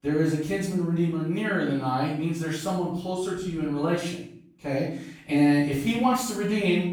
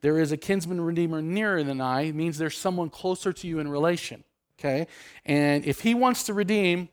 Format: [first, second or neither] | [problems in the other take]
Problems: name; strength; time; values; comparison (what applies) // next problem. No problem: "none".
second | off-mic speech; far // room echo; noticeable; dies away in 0.6 s